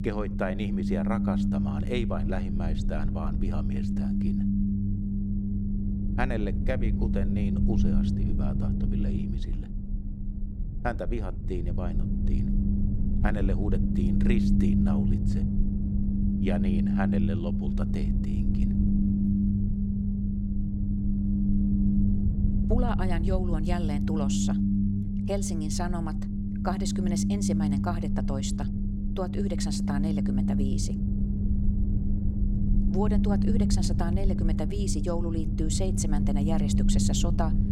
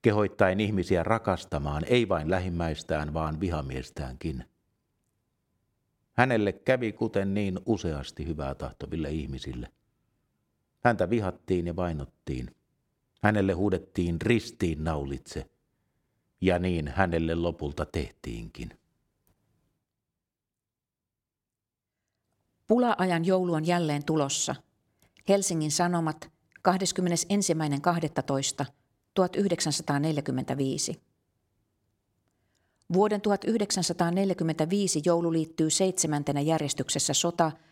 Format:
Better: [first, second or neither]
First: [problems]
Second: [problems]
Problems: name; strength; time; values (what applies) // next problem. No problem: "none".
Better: second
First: low rumble; loud; throughout; as loud as the speech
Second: none